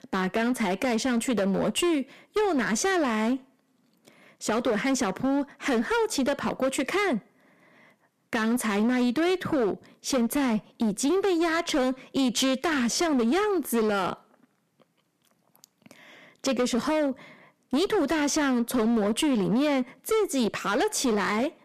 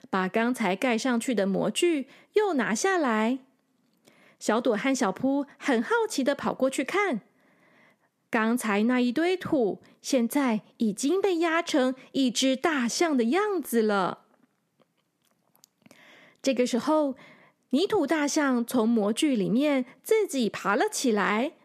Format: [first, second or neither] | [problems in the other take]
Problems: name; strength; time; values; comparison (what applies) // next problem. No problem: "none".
second | distortion; slight; 17% of the sound clipped